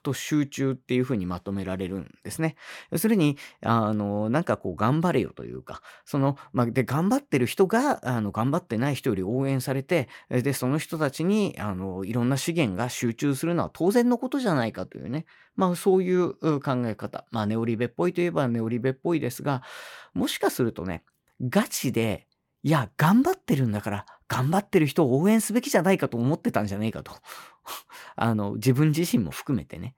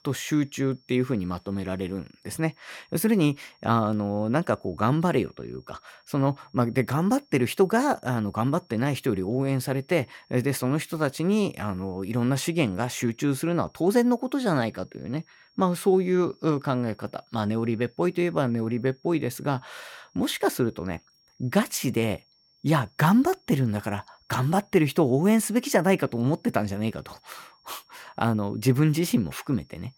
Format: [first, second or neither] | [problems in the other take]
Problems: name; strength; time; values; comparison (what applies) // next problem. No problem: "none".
first | high-pitched whine; faint; throughout; 5.5 kHz, 35 dB below the speech